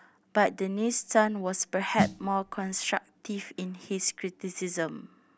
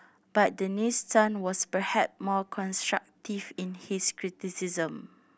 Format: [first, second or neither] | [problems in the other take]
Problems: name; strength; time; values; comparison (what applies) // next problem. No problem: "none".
second | background sound (Snare drum); 6 dB below the speech